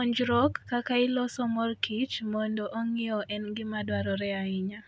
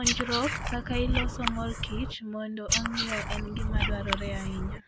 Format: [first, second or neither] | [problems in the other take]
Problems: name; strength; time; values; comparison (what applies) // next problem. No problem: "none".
first | background sound (Frog); 4 dB above the speech